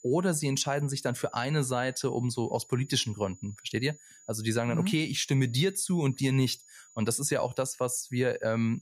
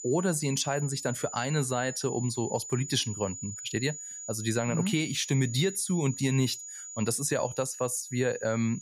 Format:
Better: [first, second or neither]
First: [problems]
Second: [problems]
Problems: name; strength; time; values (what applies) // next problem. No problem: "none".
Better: first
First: high-pitched whine; faint; throughout; 7 kHz, 25 dB below the speech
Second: high-pitched whine; loud; throughout; 7 kHz, 9 dB below the speech